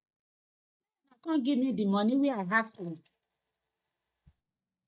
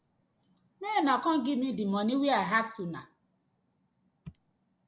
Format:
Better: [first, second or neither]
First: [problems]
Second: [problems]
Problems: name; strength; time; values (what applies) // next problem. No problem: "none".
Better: second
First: noise reduction (neural mask model DeepFilterNet 3)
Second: none